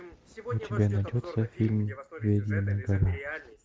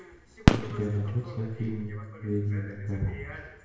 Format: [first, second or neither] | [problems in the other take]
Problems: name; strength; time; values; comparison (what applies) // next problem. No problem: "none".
first | background sound (Fireworks); 1 dB above the speech // room echo; dies away in 1 s